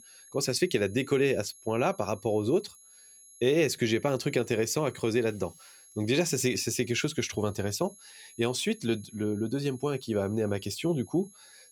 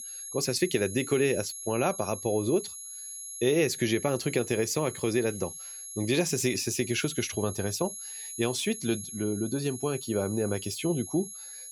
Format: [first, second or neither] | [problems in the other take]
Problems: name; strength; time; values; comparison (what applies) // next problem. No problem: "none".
first | high-pitched whine; loud; throughout; 11 kHz, 9 dB below the speech; faint in the first